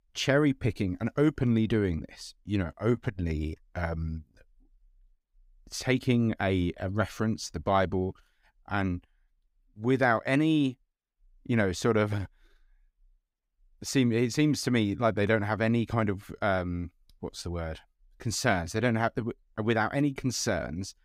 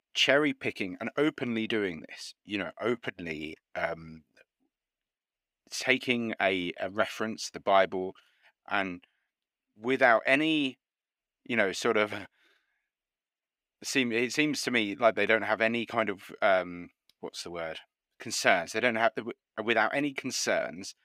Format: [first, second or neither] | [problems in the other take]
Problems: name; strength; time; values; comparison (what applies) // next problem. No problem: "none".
first | thin; somewhat; fading below 300 Hz